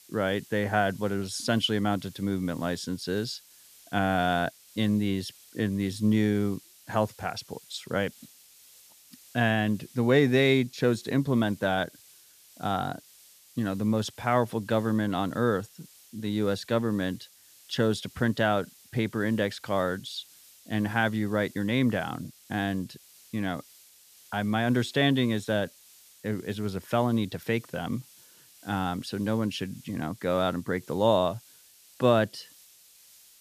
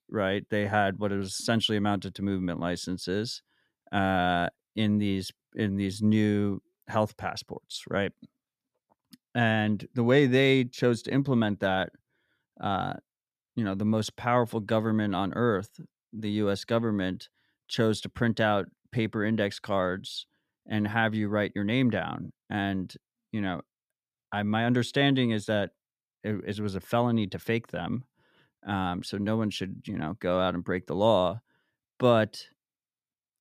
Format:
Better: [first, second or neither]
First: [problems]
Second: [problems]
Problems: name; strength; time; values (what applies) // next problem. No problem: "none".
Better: second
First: hiss; faint; throughout; 25 dB below the speech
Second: none